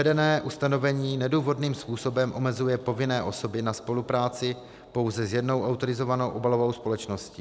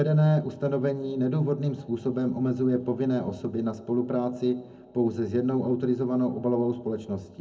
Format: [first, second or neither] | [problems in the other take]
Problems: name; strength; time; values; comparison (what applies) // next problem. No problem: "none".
first | room echo; dies away in 0.3 s